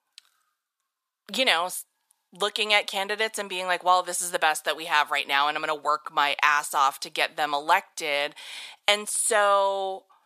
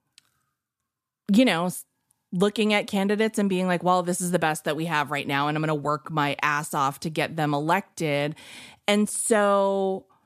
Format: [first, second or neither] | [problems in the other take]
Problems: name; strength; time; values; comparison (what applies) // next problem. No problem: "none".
second | thin; very; fading below 800 Hz